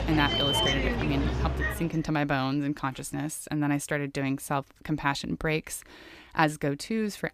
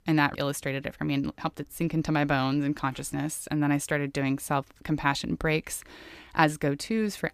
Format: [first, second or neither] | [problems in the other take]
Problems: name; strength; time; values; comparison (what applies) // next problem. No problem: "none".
second | traffic noise; very loud; until 1.5 s; 2 dB above the speech